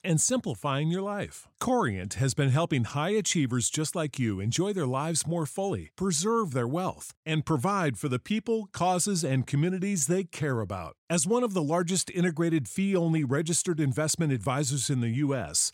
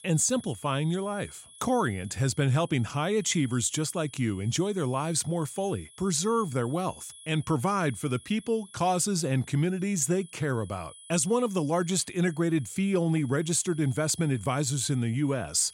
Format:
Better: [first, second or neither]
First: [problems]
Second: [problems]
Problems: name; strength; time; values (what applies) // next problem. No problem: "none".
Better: first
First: none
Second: high-pitched whine; faint; throughout; 10 kHz, 20 dB below the speech